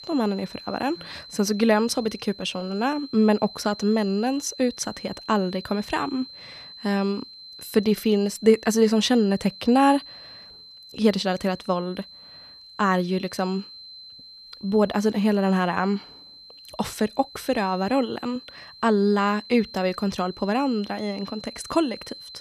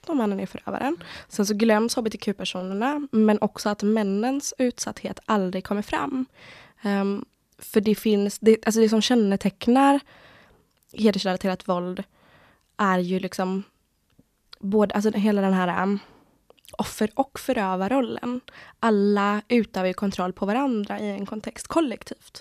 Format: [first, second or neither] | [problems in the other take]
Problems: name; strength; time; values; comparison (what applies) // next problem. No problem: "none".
second | high-pitched whine; noticeable; throughout; 4 kHz, 15 dB below the speech